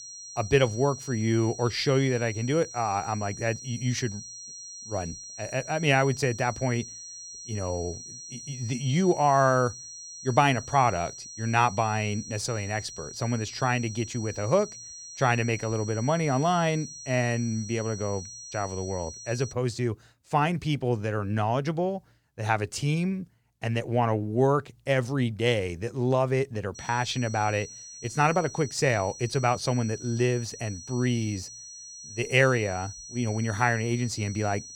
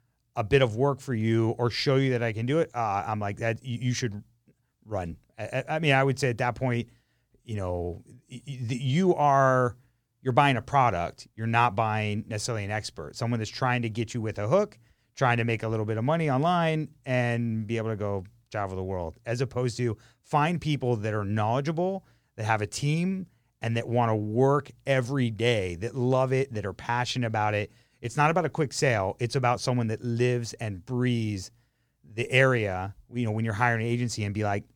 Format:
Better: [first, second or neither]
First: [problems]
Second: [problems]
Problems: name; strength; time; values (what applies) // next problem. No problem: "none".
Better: second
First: high-pitched whine; noticeable; until 20 s and from 27 s on; 6 kHz, 15 dB below the speech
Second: none